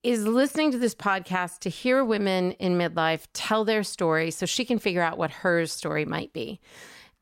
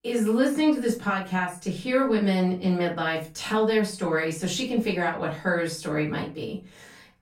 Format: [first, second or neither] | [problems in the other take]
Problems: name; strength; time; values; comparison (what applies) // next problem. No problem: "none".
first | room echo; slight; dies away in 0.3 s // off-mic speech; far